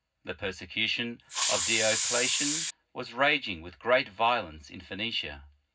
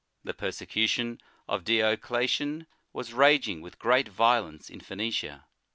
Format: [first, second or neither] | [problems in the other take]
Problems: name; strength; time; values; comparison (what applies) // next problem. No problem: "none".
second | background sound (Hiss); 2 dB above the speech // room echo; dies away in 0.4 s